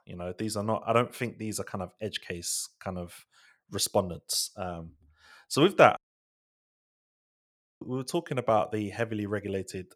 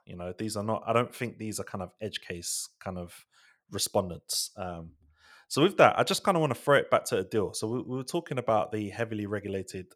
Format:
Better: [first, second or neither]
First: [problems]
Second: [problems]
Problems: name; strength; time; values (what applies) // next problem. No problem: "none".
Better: second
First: audio cutting out; at 6 s for 2 s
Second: none